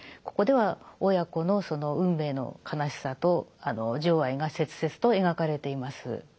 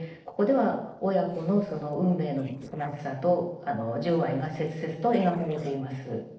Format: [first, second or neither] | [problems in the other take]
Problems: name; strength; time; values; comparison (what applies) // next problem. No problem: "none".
first | noise reduction (neural separator model SepFormer DNS4)